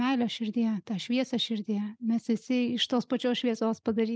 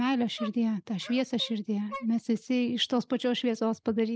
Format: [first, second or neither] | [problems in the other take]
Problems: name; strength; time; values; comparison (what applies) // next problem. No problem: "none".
first | background sound (Dog); 19 dB below the speech